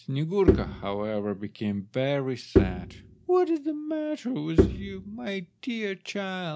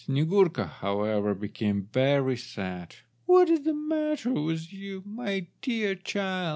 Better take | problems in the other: second | background sound (Bowed string instrument); as loud as the speech

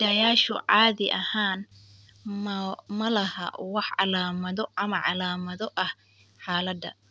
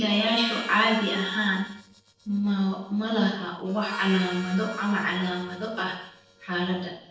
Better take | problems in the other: first | noise reduction (neural separator model SepFormer DNS4)

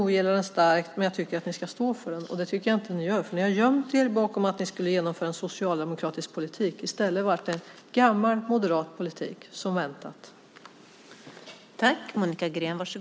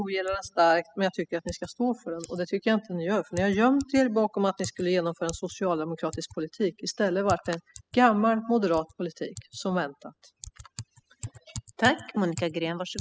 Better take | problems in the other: first | noise reduction (classical method spectral subtraction)

